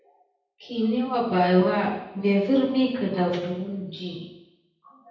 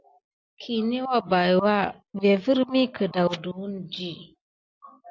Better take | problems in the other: second | room echo; dies away in 0.8 s

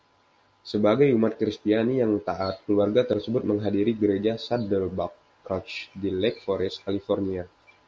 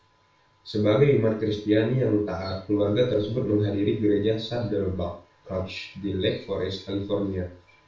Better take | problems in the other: first | room echo; dies away in 0.3 s

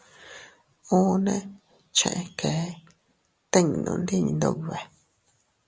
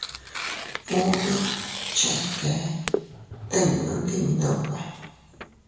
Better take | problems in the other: first | background sound (Tearing); 7 dB below the speech // room echo; dies away in 1.1 s

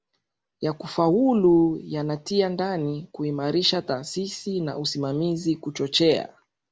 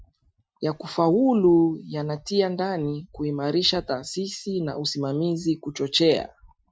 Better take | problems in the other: first | noise reduction (classical method Wiener filter)

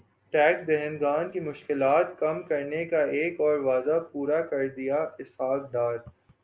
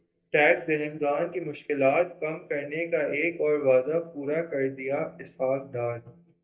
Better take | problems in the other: first | noise reduction (neural mask model DeepFilterNet 3)

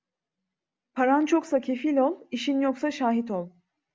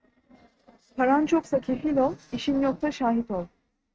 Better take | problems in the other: first | noise reduction (neural mask model RNNoise)

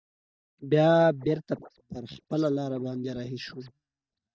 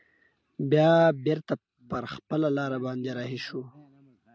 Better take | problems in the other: second | noise reduction (neural mask model DeepFilterNet 3)

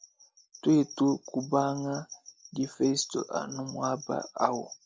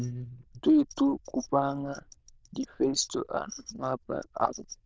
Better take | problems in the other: first | noise reduction (neural diffusion model UNIVERSE++)

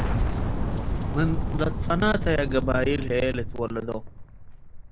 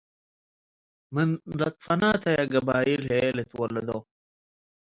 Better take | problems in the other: second | background sound (Boom); as loud as the speech

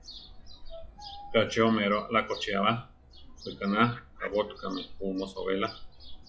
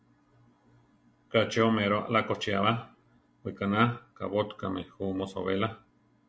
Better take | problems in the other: second | noise reduction (classical method log-MMSE)

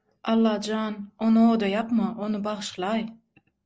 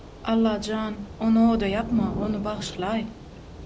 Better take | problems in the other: first | background sound (Thunder / Rain); 12 dB below the speech

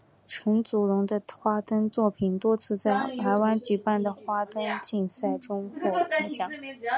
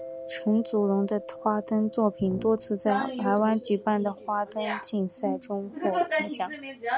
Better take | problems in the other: first | background sound (Brass instrument + Mallet percussion); 17 dB below the speech

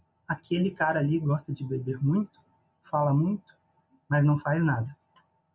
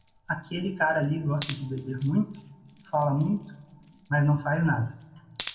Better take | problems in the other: first | background sound (Wood); 19 dB below the speech // room echo; dies away in 0.5 s

